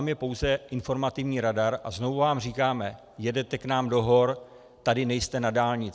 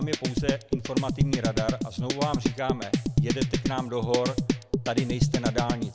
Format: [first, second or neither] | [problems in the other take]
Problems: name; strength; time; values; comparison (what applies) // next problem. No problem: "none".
first | background sound (Drum kit); 5 dB above the speech